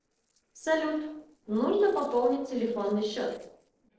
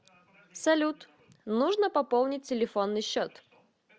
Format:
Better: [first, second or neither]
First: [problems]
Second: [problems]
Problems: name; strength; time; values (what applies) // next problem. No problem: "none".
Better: second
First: noise reduction (neural separator model SepFormer DNS4)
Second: none